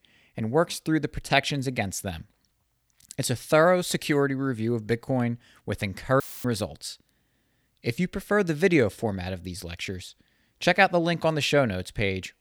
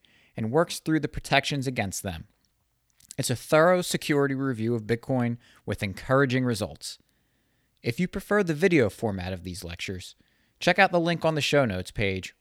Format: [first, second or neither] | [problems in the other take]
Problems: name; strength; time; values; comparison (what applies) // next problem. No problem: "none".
second | audio cutting out; filled with static; at 6 s